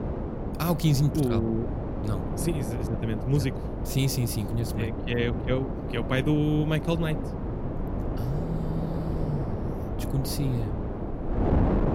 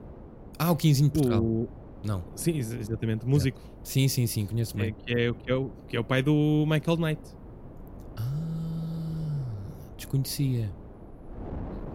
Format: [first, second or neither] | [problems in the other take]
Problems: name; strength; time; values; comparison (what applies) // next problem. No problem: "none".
second | wind noise on the microphone; heavy; 4 dB below the speech; occasional gusts in the second